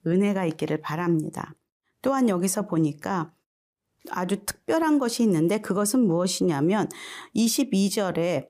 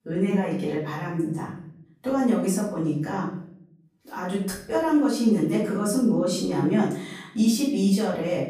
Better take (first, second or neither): first